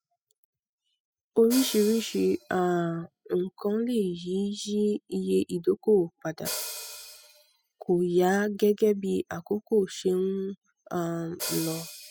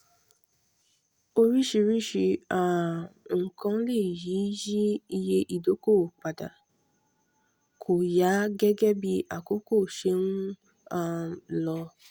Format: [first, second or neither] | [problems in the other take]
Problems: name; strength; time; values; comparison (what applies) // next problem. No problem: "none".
second | noise reduction (classical method spectral subtraction)